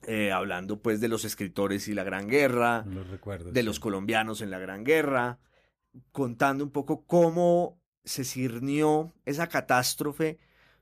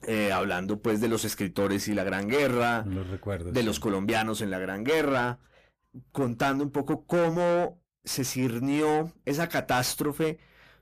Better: first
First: none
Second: distortion; heavy; 7 dB below the speech

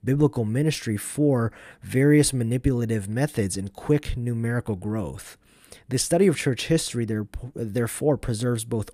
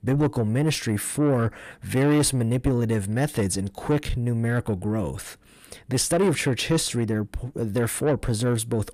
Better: first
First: none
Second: distortion; slight; 10 dB below the speech

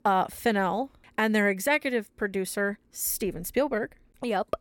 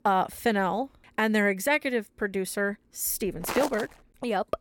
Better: first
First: none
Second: footsteps; noticeable; at 3.5 s; peak 4 dB below the speech

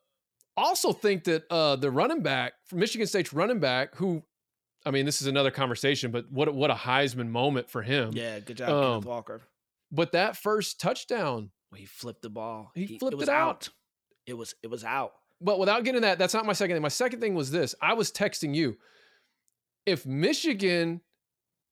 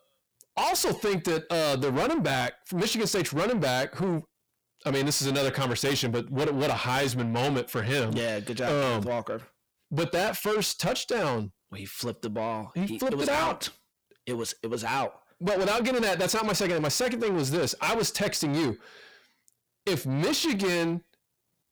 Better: first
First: none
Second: distortion; heavy; 6 dB below the speech

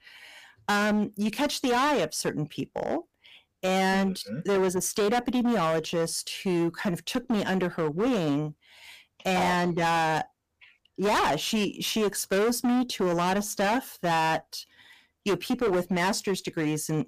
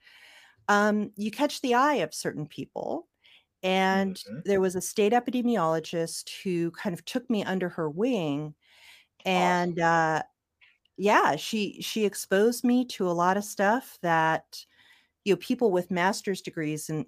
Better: second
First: distortion; heavy; 17% of the sound clipped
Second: none

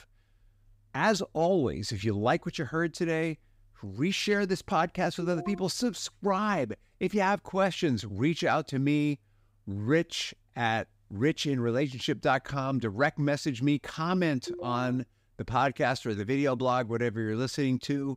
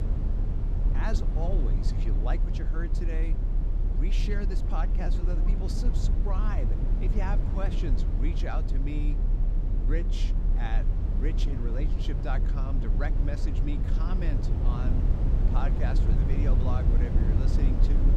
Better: first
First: none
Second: low rumble; loud; throughout; 3 dB below the speech

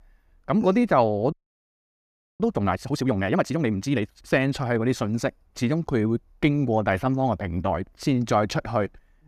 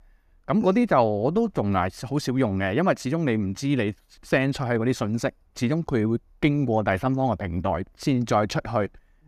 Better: second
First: audio freezing; at 1.5 s for 1 s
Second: none

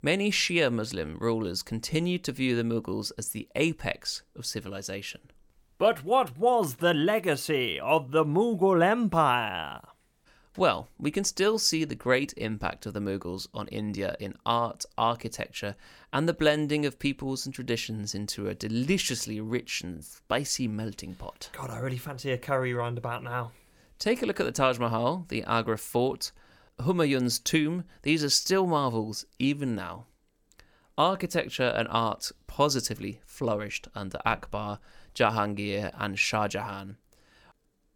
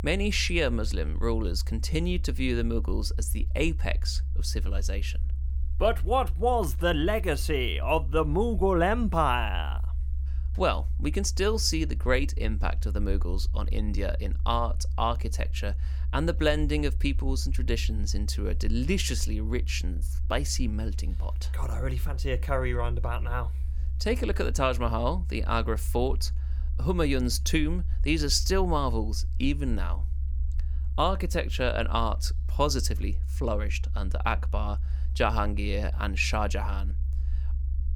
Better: first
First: none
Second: low rumble; faint; throughout; 20 dB below the speech

